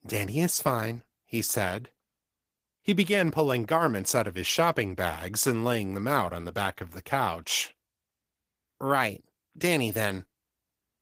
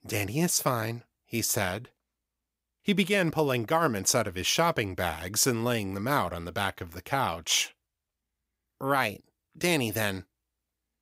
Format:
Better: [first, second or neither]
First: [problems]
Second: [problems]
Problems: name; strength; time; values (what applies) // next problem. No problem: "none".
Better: second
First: garbled, watery; slightly; nothing above 15.5 kHz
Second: none